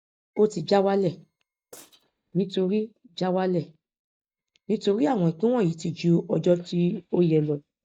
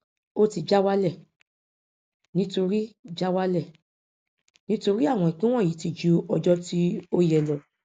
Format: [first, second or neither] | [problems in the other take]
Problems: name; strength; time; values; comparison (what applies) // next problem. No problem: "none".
second | noise reduction (neural mask model DeepFilterNet 3)